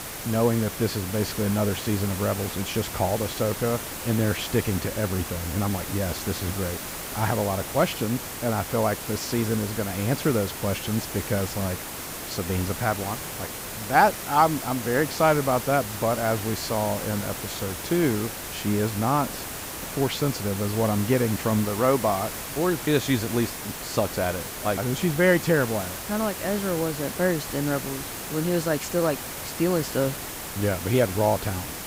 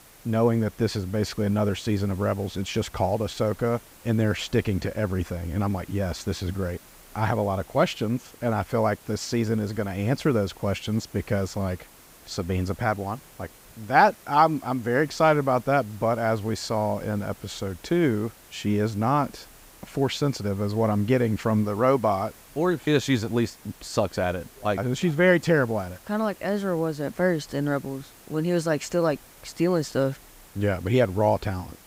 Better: second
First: hiss; loud; throughout; 7 dB below the speech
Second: hiss; faint; throughout; 25 dB below the speech

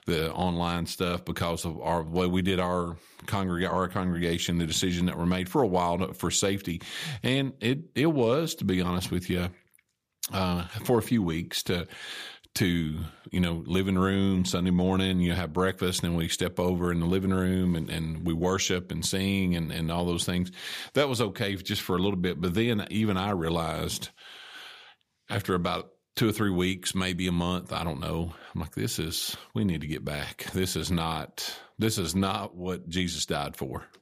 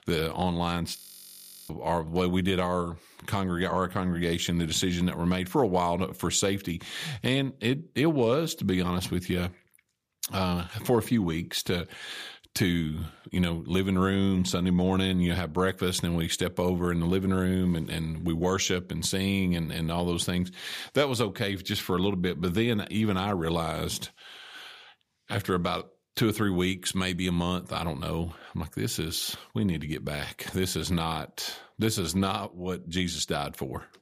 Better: first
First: none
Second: audio freezing; at 1 s for 0.5 s

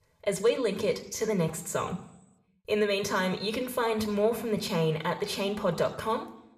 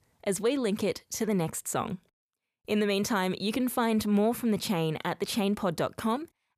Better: second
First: room echo; very slight; dies away in 0.6 s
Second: none

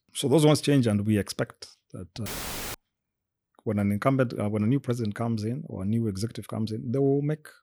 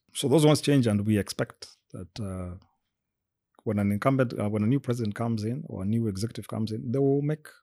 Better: second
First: audio cutting out; filled with static; at 2.5 s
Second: none

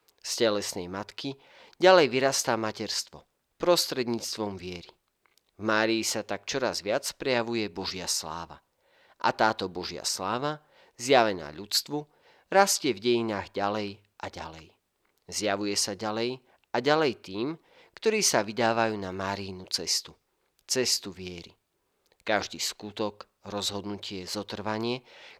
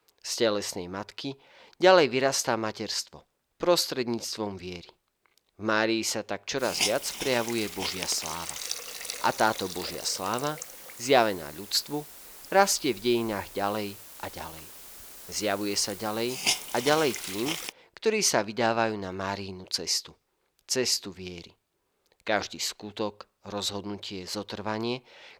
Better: first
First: none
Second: hiss; loud; from 6.5 to 18 s; 7 dB below the speech

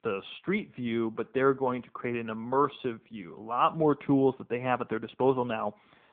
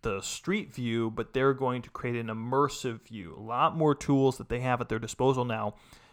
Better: second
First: phone-call audio; nothing above 3.5 kHz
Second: none

